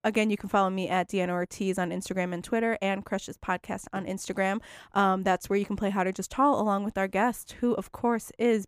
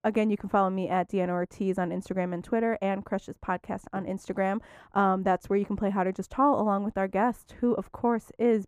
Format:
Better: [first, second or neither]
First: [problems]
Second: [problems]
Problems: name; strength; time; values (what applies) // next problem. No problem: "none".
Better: first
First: none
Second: muffled; slightly; fading above 2 kHz